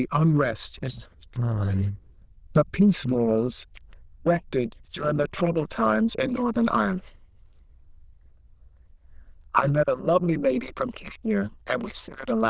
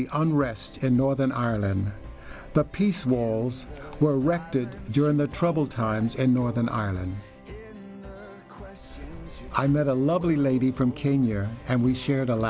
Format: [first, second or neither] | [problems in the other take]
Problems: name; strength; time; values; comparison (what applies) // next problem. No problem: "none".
second | noise reduction (neural diffusion model UNIVERSE++)